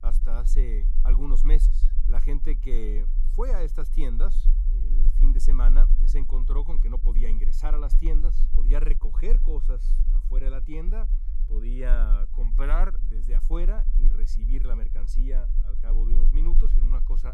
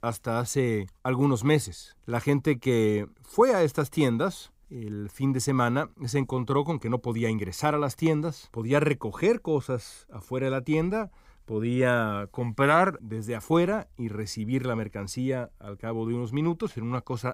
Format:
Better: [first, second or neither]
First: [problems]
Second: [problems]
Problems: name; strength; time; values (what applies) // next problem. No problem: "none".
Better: second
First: low rumble; noticeable; throughout; 10 dB below the speech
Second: none